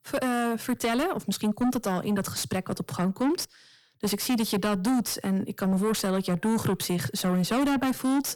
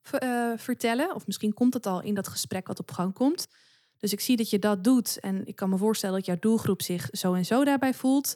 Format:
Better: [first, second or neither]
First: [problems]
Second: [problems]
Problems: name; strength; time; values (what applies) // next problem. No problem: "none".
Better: second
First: distortion; heavy; 7 dB below the speech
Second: none